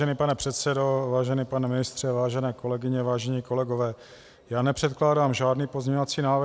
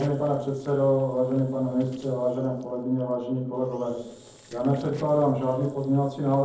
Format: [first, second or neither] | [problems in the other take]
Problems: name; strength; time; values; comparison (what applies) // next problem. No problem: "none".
first | noise reduction (neural separator model SepFormer DNS4)